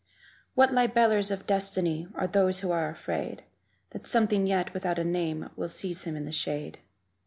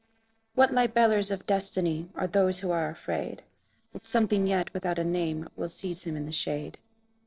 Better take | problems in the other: first | noise reduction (neural separator model SepFormer DNS4)

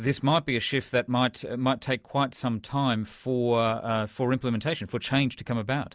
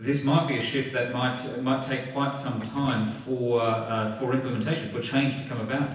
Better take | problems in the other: first | background sound (Subway, metro, underground); 19 dB below the speech // room echo; dies away in 0.9 s

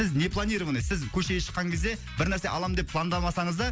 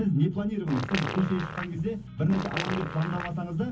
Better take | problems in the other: first | background sound (Fart); 8 dB below the speech // room echo; dies away in 0.3 s

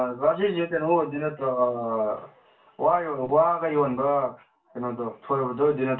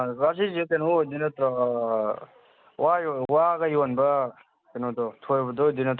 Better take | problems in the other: second | room echo; dies away in 0.2 s

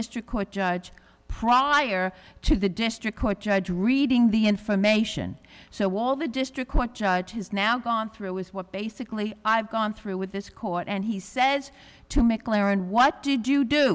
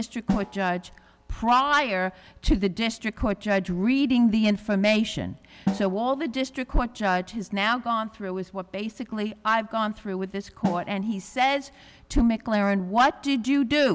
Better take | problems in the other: first | background sound (Snare drum); 12 dB below the speech

